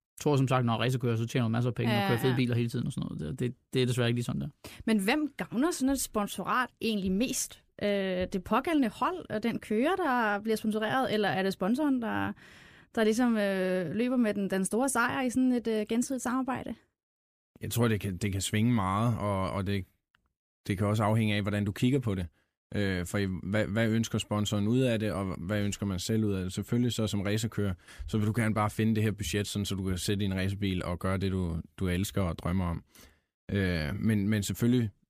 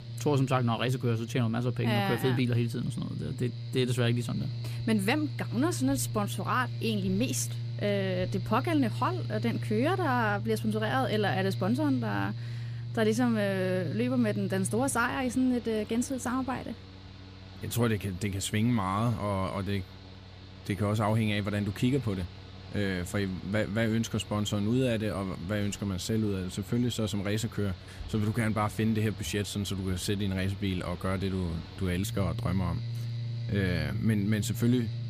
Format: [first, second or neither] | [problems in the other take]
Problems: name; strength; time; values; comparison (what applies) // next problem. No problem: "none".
first | machinery noise; loud; throughout; 9 dB below the speech